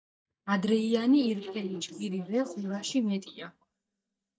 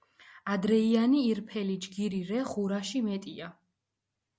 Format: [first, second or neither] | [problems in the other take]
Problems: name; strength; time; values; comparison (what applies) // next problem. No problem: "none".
second | noise reduction (neural mask model DeepFilterNet 3)